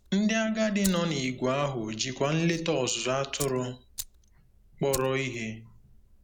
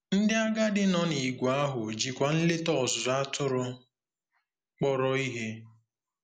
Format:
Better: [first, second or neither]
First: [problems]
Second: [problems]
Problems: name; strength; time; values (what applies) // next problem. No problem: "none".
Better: second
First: background sound (Fire); 16 dB below the speech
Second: none